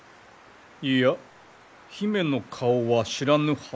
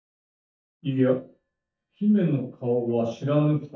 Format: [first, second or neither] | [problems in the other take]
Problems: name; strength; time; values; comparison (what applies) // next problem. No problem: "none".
first | noise reduction (neural mask model DeepFilterNet 3)